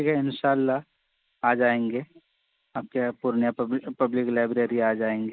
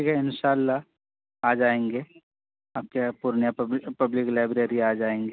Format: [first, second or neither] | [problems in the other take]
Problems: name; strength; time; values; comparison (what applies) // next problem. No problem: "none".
second | noise reduction (neural mask model Resemble Enhance denoiser)